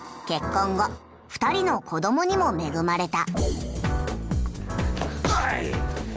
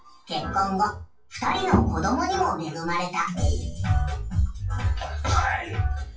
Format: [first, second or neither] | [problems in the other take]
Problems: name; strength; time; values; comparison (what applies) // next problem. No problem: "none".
first | noise reduction (classical method WPE with log-MMSE)